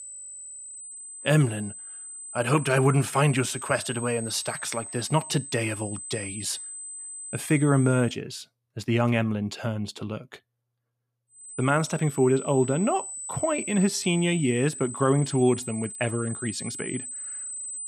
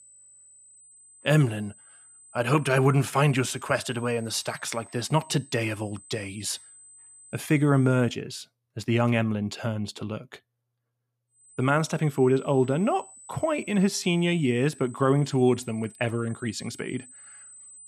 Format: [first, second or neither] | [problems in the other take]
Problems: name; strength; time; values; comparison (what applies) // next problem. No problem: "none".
second | high-pitched whine; loud; until 8 s and from 11 s on; 8 kHz, 10 dB below the speech; faint in the second